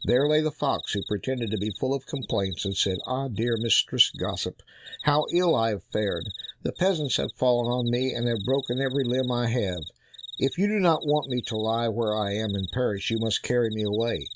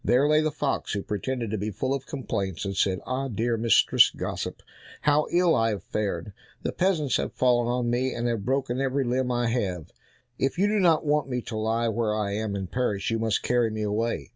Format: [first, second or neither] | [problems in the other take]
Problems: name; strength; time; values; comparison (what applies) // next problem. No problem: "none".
second | background sound (Cricket); 14 dB below the speech